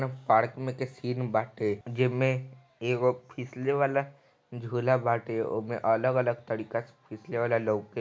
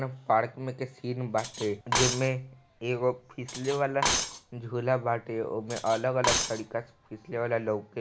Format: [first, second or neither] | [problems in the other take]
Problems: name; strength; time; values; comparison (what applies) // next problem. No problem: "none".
first | background sound (Cutlery, silverware); 4 dB below the speech